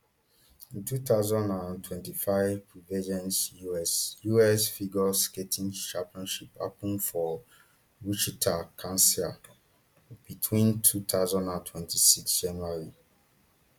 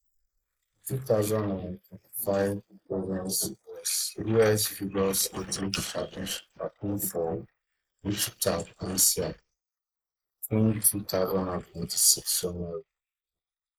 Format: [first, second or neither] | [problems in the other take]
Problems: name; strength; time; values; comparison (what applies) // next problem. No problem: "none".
first | noise reduction (neural mask model Resemble Enhance denoiser)